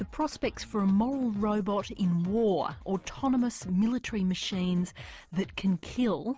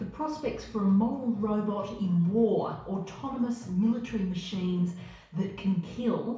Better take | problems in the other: first | room echo; dies away in 0.6 s

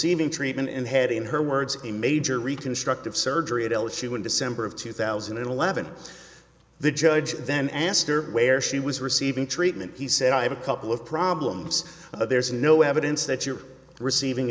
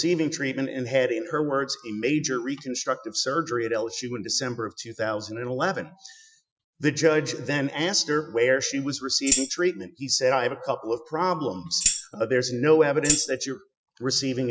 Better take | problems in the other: first | noise reduction (classical method Wiener filter)

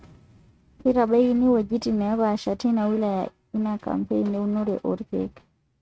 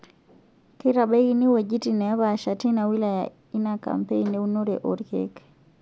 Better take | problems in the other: second | noise reduction (neural mask model RNNoise)

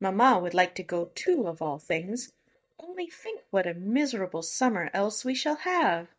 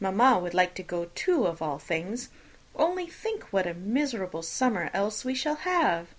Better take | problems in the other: second | noise reduction (neural mask model DeepFilterNet 3)

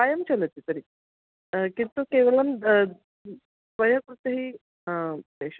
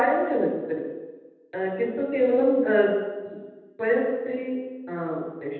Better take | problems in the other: first | room echo; dies away in 1.1 s

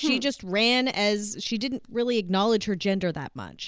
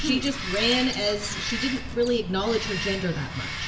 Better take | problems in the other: first | background sound (Bird vocalization, bird call, bird song); 6 dB below the speech // room echo; dies away in 0.7 s

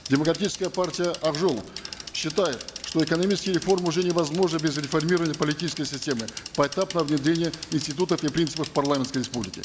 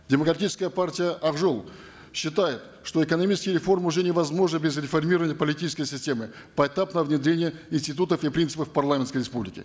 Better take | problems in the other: second | background sound (Bicycle); 13 dB below the speech

